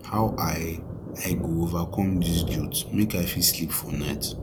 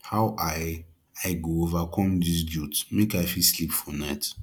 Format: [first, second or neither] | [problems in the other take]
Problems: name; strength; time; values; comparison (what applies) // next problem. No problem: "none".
second | background sound (Thunder); 6 dB below the speech